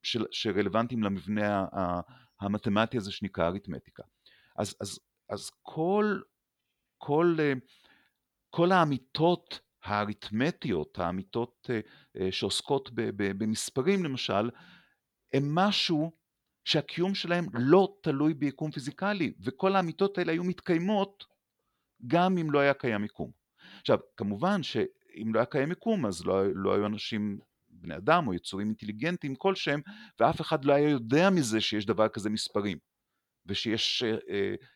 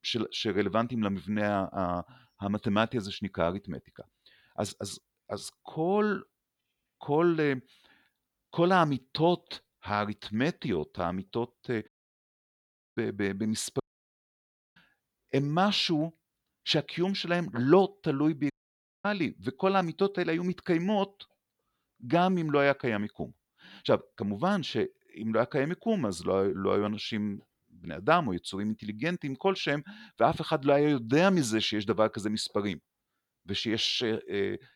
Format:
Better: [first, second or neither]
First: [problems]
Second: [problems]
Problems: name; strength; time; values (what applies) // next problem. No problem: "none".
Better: first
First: none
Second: audio cutting out; at 12 s for 1 s, at 14 s for 1 s and at 19 s for 0.5 s